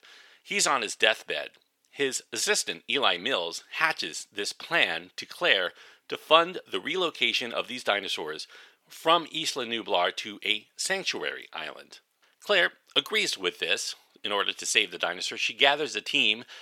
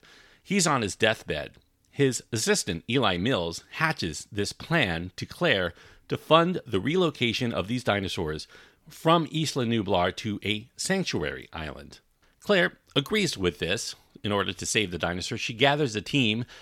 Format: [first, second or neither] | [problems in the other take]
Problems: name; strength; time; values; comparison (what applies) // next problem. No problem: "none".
second | thin; somewhat; fading below 500 Hz